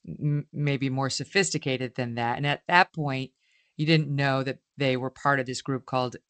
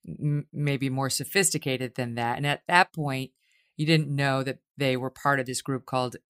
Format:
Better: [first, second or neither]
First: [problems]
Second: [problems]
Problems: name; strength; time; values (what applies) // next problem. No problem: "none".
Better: second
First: garbled, watery; slightly; nothing above 8 kHz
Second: none